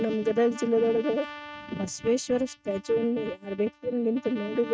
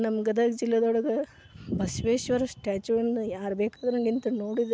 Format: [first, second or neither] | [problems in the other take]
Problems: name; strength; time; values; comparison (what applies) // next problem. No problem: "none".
second | noise reduction (neural mask model RNNoise)